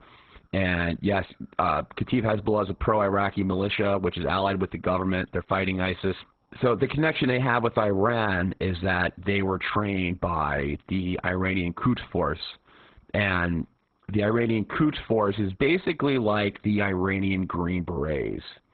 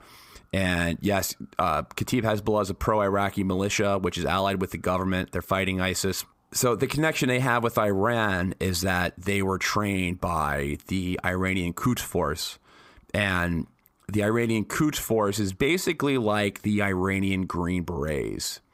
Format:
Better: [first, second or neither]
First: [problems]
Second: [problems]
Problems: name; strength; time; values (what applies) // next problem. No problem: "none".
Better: second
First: garbled, watery; badly; nothing above 4 kHz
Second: none